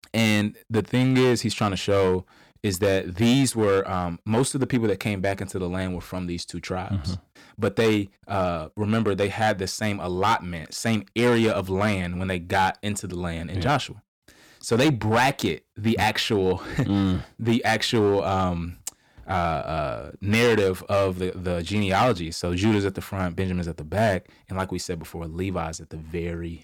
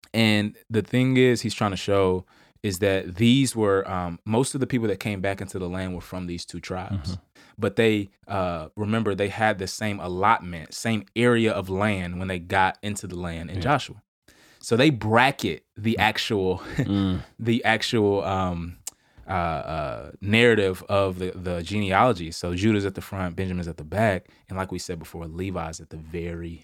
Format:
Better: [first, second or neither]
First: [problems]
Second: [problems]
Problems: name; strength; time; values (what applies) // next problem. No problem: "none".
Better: second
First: distortion; slight; 5% of the sound clipped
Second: none